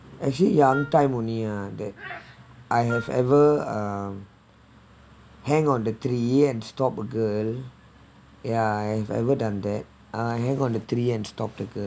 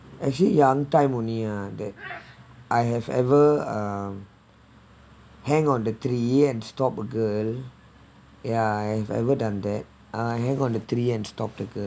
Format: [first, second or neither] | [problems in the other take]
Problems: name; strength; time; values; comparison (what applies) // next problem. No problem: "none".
second | background sound (Wind instrument, woodwind instrument); 14 dB below the speech